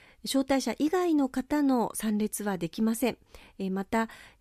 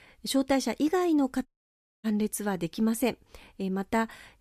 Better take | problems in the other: first | audio cutting out; at 1.5 s for 0.5 s

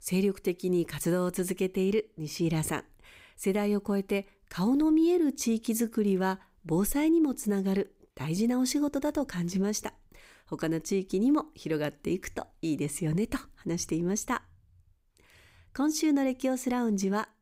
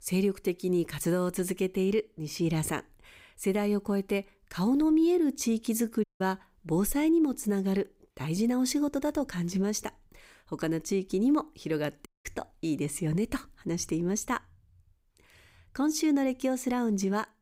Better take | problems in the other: first | audio cutting out; at 6 s and at 12 s

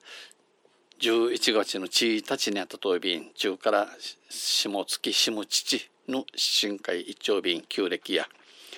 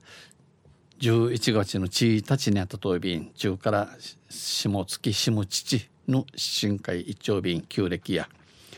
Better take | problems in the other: second | thin; somewhat; fading below 300 Hz

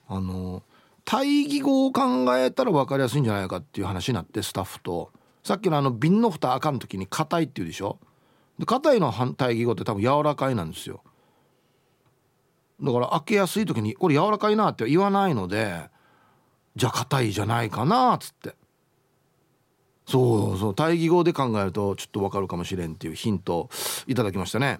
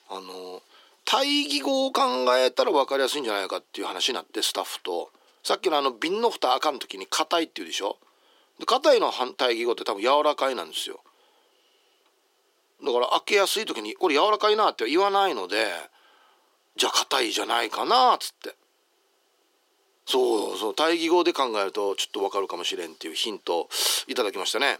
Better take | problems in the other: first | thin; somewhat; fading below 350 Hz

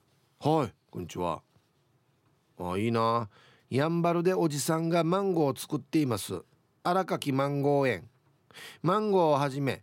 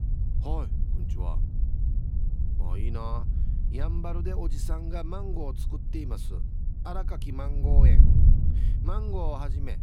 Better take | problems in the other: first | wind noise on the microphone; heavy; 4 dB below the speech

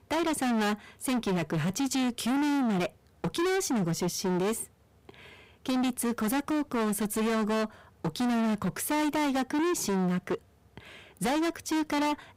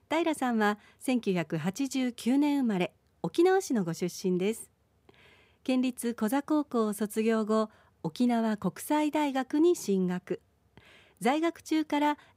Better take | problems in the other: second | distortion; heavy; 34% of the sound clipped

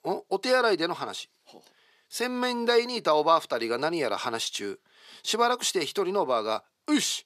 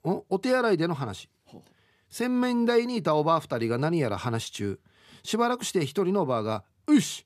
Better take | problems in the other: second | thin; somewhat; fading below 450 Hz

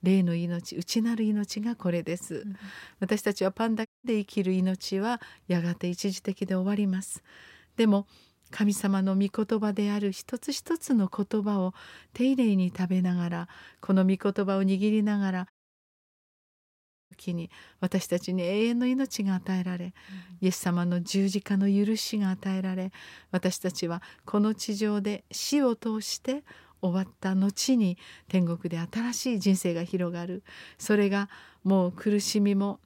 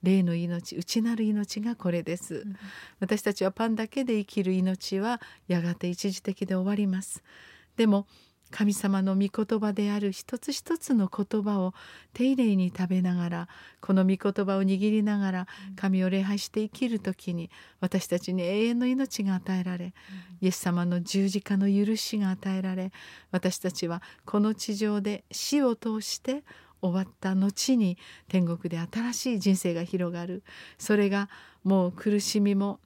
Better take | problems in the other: second | audio cutting out; at 4 s and at 16 s for 1.5 s

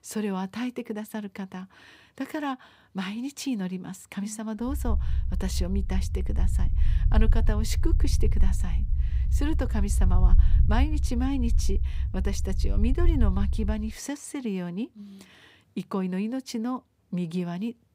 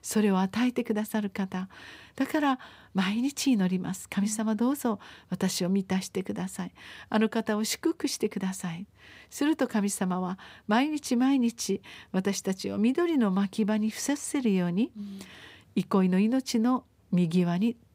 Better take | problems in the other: second | low rumble; noticeable; from 4.5 to 14 s; 10 dB below the speech

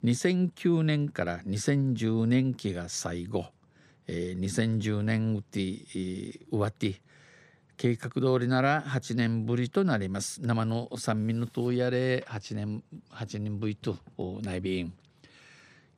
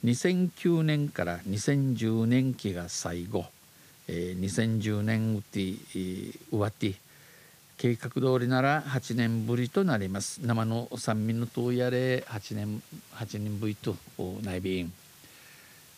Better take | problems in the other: first | hiss; faint; throughout; 25 dB below the speech

